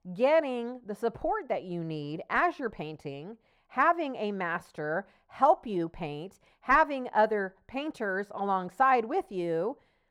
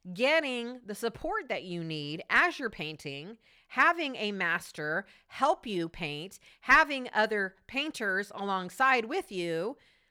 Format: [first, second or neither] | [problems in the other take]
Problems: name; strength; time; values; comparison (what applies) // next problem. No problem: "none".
second | muffled; slightly; fading above 1.5 kHz